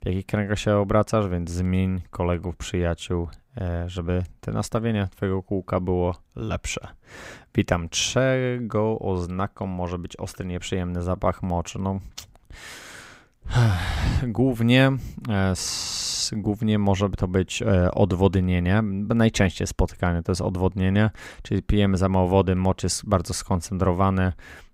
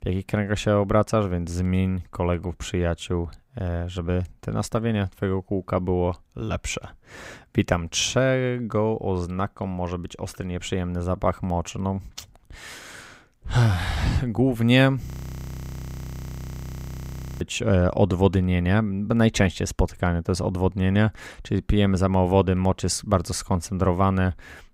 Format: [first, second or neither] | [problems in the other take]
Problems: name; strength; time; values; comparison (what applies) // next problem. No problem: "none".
first | audio freezing; at 15 s for 2.5 s